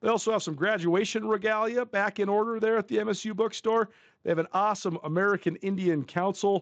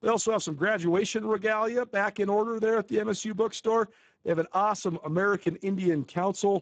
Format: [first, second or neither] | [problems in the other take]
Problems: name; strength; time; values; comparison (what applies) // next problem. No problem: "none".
first | garbled, watery; badly; nothing above 7.5 kHz; slightly in the first